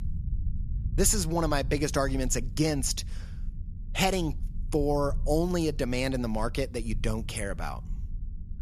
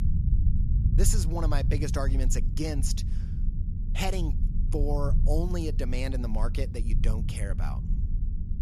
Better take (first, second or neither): first